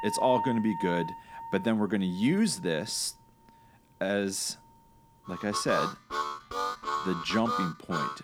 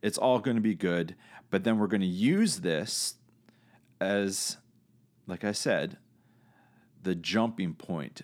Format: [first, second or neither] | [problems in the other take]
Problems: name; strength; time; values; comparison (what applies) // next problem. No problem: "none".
second | background music; loud; throughout; 4 dB below the speech